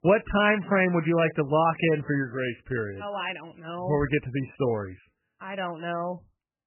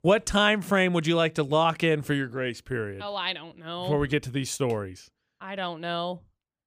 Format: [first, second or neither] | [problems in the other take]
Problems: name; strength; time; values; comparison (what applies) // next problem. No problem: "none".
second | garbled, watery; badly; nothing above 3 kHz